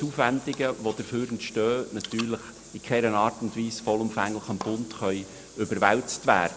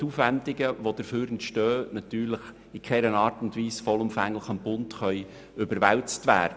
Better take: second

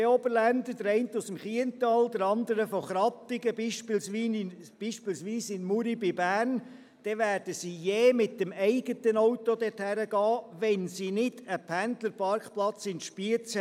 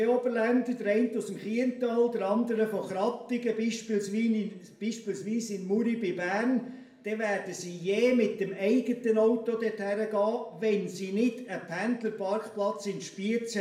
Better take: first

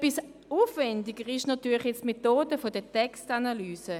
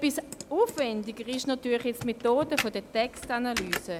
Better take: first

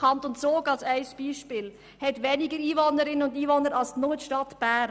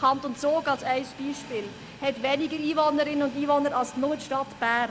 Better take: first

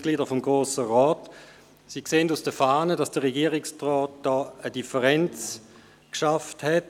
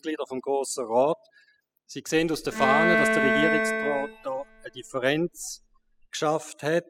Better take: first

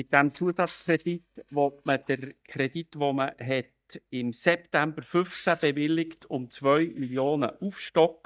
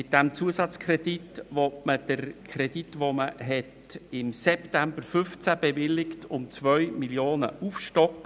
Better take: second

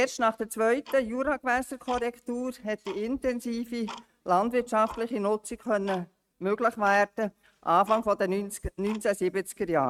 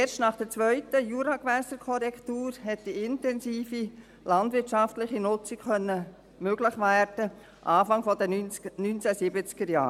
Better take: second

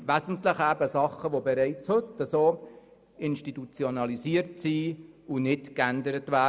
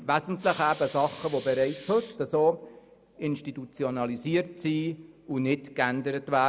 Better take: first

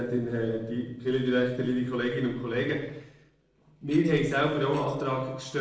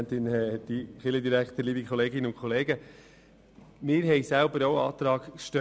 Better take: second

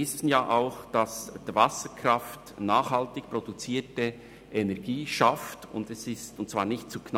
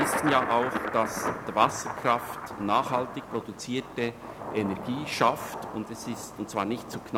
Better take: first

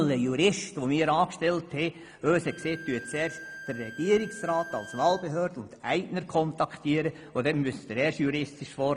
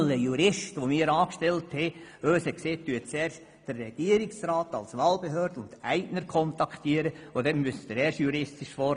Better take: second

